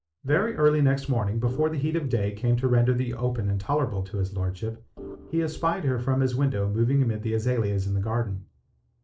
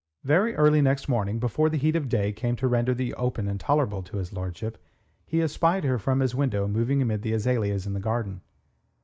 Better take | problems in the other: second | noise reduction (neural separator model SepFormer DNS4)

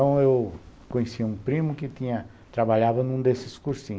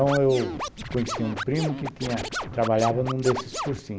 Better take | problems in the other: first | background sound (Scratching (performance technique)); 8 dB below the speech

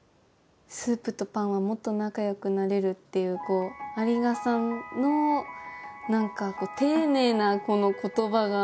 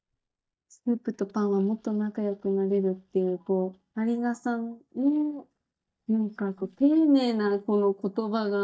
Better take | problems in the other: first | noise reduction (neural mask model DeepFilterNet 3)

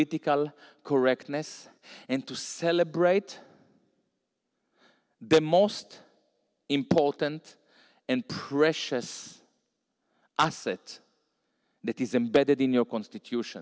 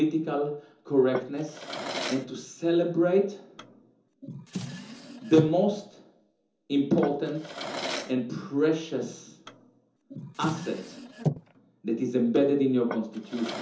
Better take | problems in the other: first | background sound (Drawer open or close); 10 dB below the speech // room echo; dies away in 0.6 s

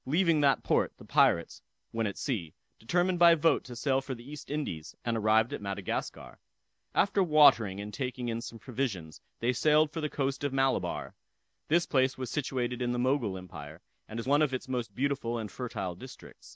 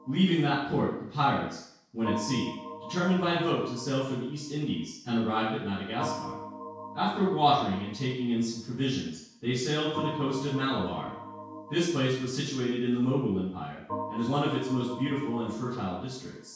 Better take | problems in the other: first | background sound (Organ); 13 dB below the speech // room echo; dies away in 0.6 s

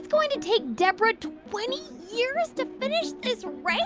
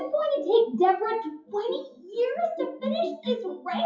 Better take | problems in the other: first | noise reduction (classical method WPE with log-MMSE)

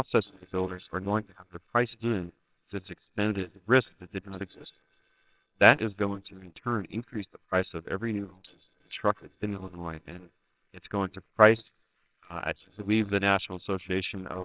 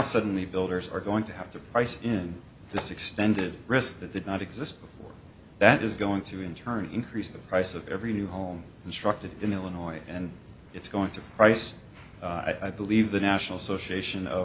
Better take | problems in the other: second | noise reduction (neural separator model SepFormer WHAMR!)

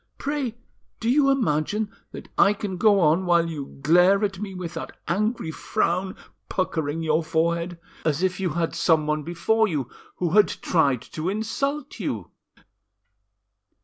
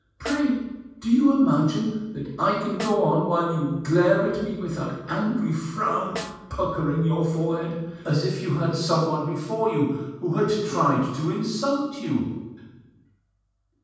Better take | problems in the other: first | background sound (Snare drum); 18 dB below the speech // room echo; dies away in 1.2 s

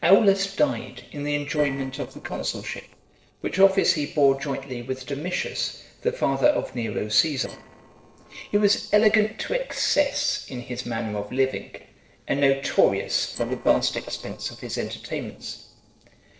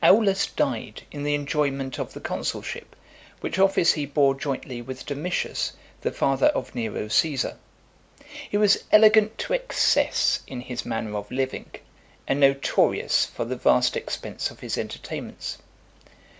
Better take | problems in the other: second | noise reduction (neural separator model SepFormer DNS4)

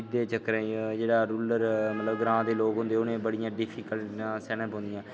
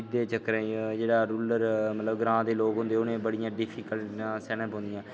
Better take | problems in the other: second | background sound (Wind instrument, woodwind instrument); 14 dB below the speech

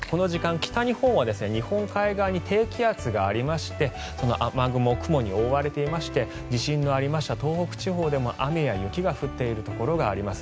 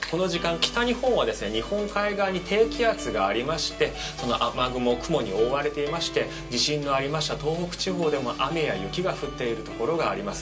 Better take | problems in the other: first | background sound (Marimba, xylophone); 20 dB below the speech // room echo; dies away in 0.2 s

